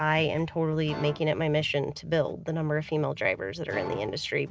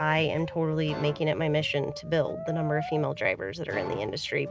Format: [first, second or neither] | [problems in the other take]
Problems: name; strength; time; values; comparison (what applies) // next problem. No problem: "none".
first | background sound (Brass instrument); 13 dB below the speech